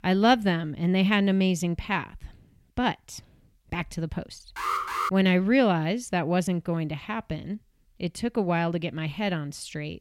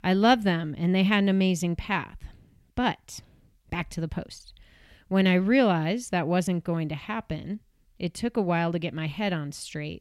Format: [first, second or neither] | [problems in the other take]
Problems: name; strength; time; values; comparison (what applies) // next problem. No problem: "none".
second | alarm; noticeable; at 4.5 s; peak 1 dB below the speech